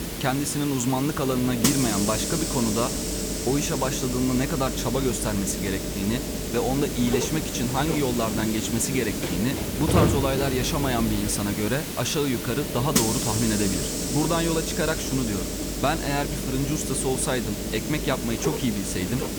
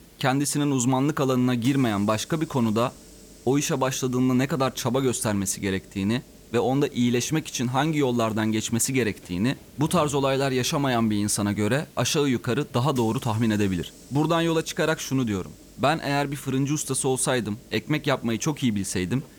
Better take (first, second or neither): second